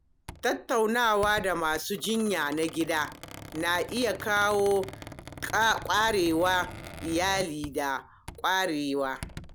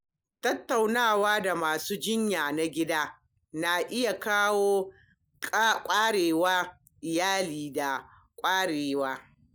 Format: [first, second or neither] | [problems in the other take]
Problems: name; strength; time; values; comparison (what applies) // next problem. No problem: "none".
second | background sound (Squeak); 15 dB below the speech